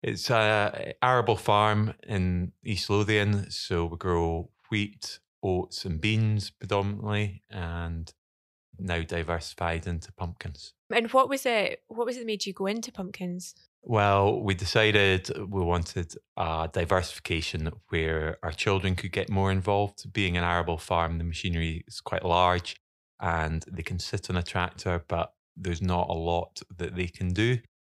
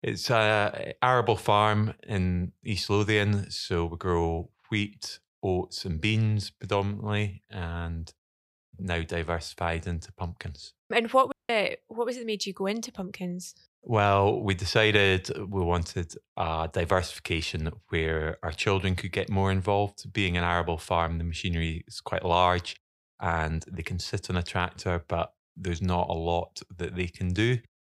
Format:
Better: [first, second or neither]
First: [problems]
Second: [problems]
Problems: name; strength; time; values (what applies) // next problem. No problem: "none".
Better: first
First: none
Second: audio cutting out; at 11 s